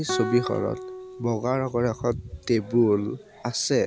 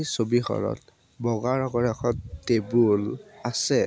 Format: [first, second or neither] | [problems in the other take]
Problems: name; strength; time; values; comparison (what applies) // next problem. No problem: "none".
second | background sound (Guitar); 11 dB below the speech